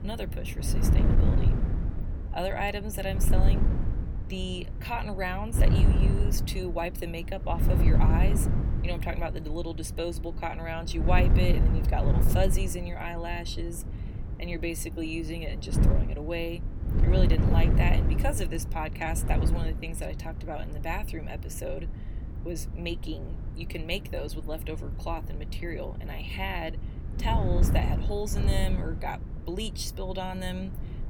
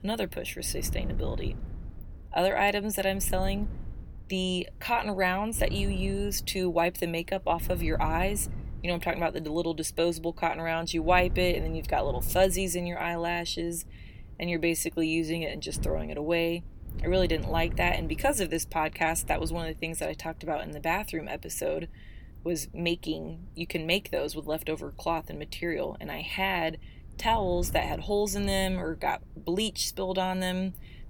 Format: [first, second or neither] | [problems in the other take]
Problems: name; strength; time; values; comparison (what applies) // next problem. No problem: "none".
second | wind noise on the microphone; heavy; 7 dB below the speech; occasional gusts in the second